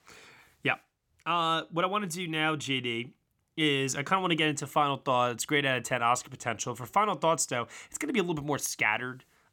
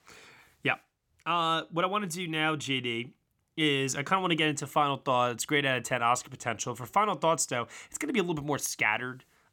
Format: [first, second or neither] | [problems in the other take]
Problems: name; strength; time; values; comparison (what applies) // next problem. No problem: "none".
neither | none